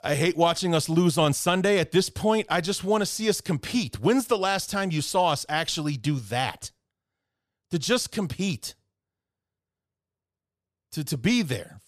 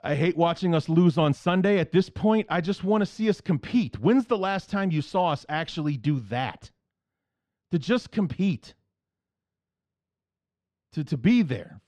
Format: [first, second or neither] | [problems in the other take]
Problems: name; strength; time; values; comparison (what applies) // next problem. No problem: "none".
first | muffled; slightly; fading above 3 kHz